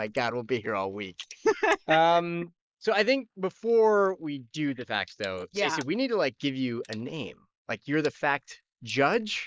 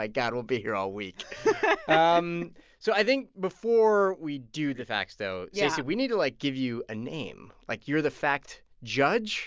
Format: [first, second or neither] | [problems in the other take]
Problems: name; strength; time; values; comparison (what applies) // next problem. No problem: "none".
second | noise reduction (neural mask model Resemble Enhance denoiser)